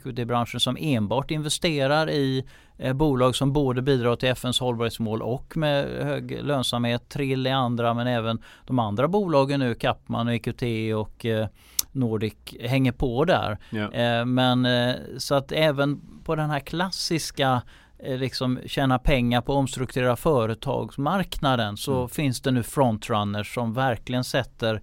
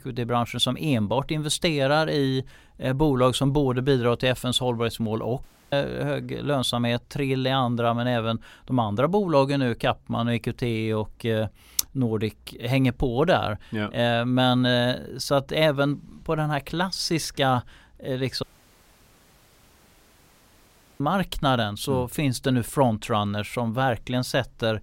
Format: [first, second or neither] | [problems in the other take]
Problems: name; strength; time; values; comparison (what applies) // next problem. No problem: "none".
first | audio cutting out; at 5.5 s and at 18 s for 2.5 s